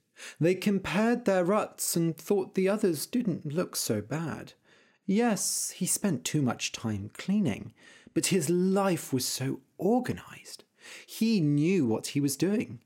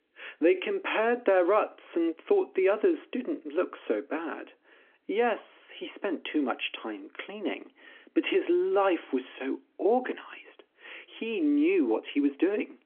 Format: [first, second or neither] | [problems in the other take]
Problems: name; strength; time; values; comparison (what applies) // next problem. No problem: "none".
first | phone-call audio; nothing above 3.5 kHz